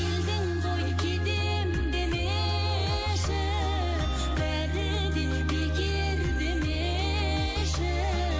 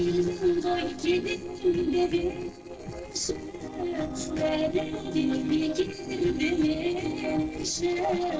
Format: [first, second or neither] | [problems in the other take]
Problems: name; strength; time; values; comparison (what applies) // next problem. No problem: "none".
first | noise reduction (neural separator model SepFormer DNS4)